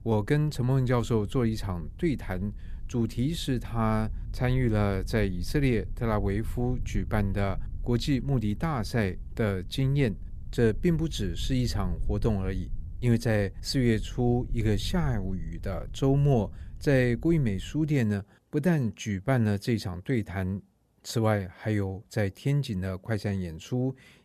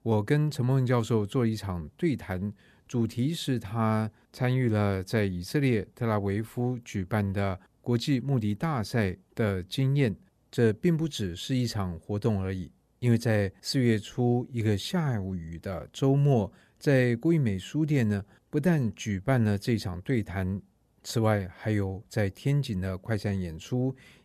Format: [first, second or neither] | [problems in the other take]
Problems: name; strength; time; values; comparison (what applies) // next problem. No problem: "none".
second | low rumble; faint; until 18 s; 25 dB below the speech